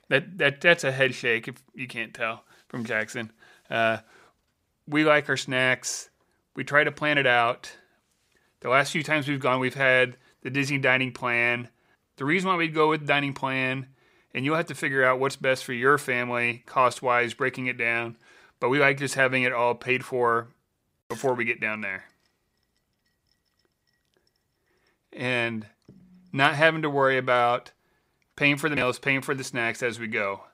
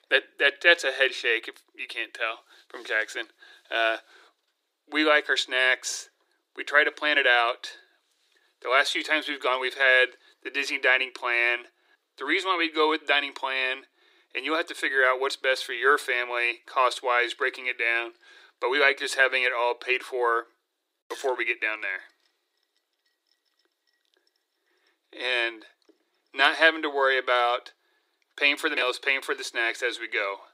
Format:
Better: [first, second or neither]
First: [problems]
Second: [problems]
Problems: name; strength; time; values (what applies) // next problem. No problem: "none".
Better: first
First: none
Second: thin; very; fading below 300 Hz